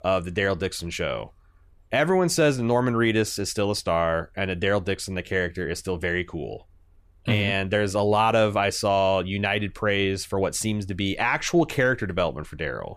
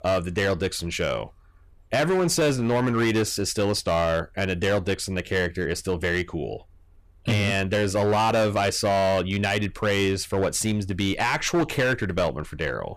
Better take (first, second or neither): first